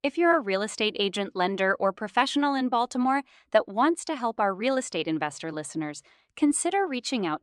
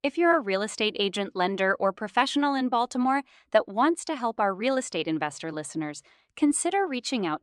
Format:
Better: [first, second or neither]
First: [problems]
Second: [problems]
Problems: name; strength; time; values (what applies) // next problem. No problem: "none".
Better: neither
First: none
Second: none